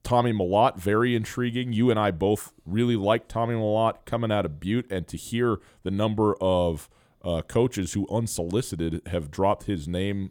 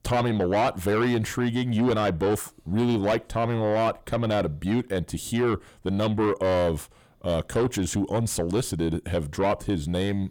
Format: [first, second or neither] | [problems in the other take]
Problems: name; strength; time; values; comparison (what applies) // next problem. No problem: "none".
first | distortion; heavy; 7 dB below the speech